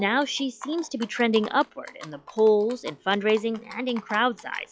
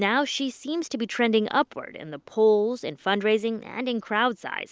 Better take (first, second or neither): second